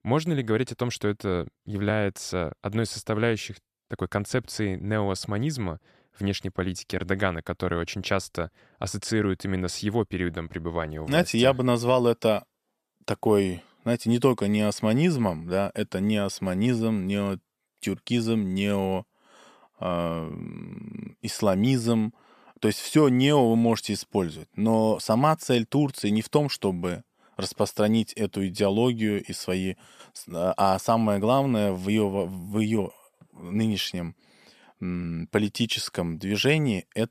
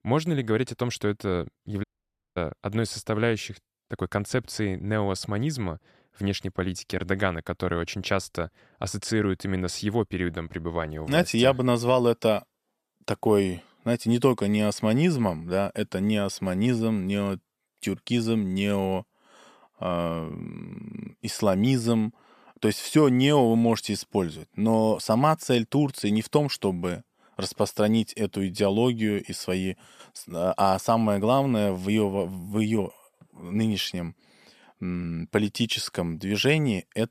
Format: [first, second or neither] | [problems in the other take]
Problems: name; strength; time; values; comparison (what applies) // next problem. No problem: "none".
first | audio cutting out; at 2 s for 0.5 s